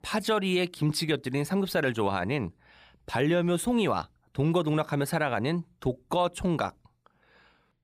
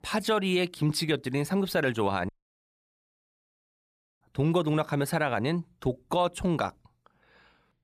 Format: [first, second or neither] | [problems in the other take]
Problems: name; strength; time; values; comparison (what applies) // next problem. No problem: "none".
first | audio cutting out; at 2.5 s for 2 s